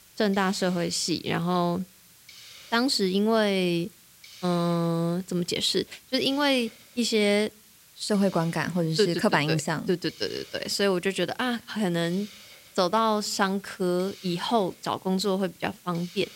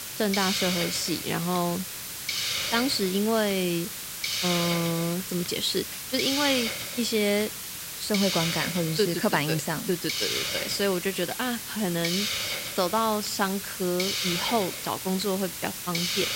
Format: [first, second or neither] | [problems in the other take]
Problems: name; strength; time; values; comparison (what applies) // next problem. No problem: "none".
first | hiss; loud; throughout; 2 dB below the speech; faint in the first